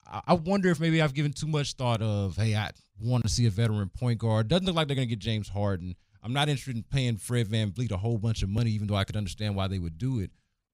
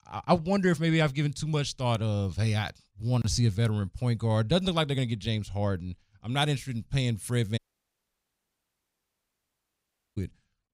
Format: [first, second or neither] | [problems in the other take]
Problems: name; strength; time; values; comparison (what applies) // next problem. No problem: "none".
first | audio cutting out; at 7.5 s for 2.5 s